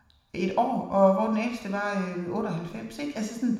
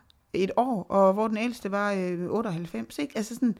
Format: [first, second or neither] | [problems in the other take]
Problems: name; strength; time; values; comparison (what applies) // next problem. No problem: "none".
second | room echo; noticeable; dies away in 0.9 s